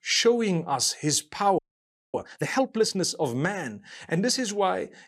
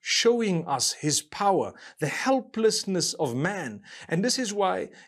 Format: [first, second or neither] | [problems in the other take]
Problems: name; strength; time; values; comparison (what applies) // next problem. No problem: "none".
second | audio freezing; at 1.5 s for 0.5 s